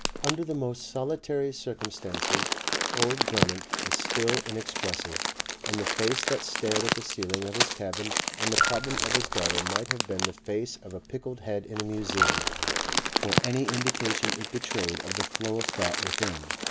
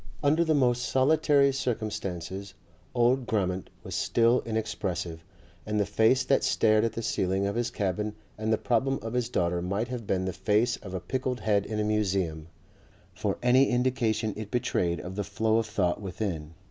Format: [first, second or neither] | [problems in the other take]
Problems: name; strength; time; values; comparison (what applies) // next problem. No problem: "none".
second | background sound (Crumpling, crinkling + Raindrop / Drip); 3 dB above the speech